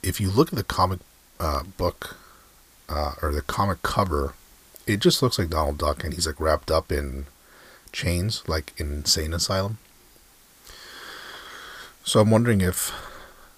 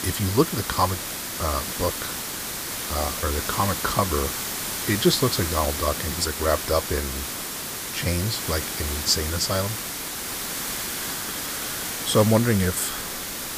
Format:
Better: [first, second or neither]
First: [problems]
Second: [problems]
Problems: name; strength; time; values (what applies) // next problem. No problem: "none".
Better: first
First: hiss; faint; throughout; 30 dB below the speech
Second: hiss; loud; throughout; 3 dB below the speech